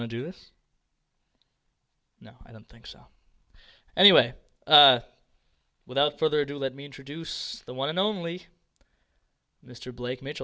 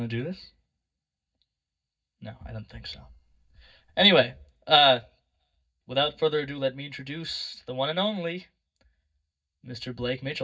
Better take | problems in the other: first | noise reduction (neural mask model DeepFilterNet 3)

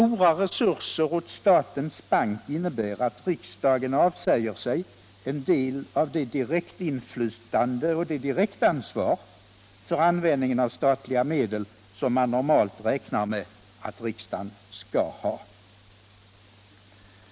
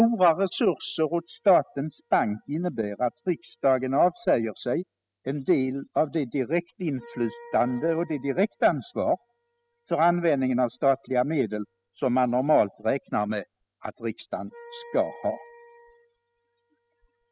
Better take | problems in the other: first | noise reduction (classical method spectral subtraction)

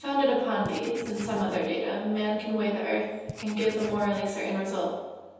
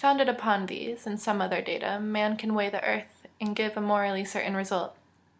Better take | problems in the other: second | background sound (Writing); 14 dB below the speech // room echo; dies away in 1.1 s

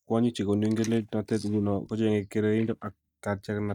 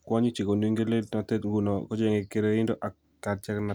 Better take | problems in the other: second | noise reduction (neural mask model DeepFilterNet 3)

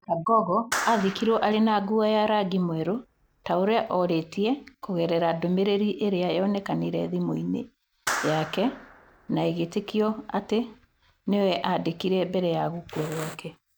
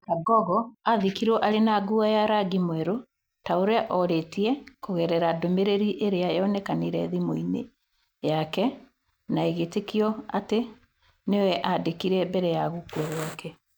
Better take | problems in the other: second | background sound (Clapping); 12 dB below the speech

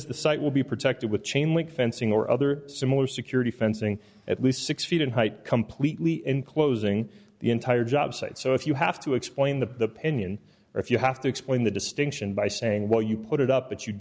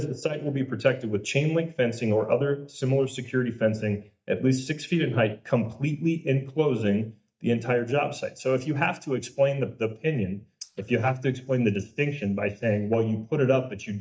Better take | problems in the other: first | noise reduction (neural mask model DeepFilterNet 3)

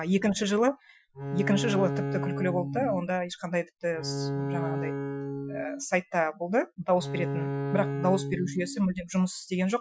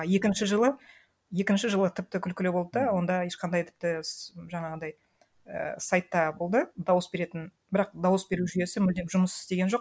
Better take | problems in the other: second | noise reduction (classical method Wiener filter)

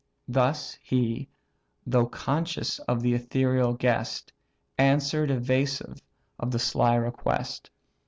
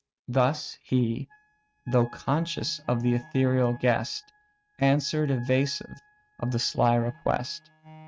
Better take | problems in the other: first | noise reduction (neural mask model RNNoise)

